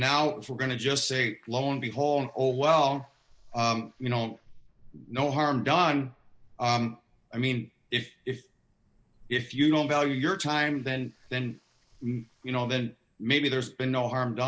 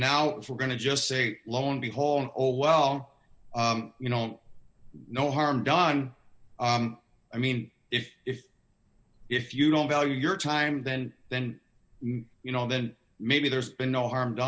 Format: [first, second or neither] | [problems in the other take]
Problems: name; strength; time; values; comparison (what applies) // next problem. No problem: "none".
second | noise reduction (neural mask model Resemble Enhance denoiser)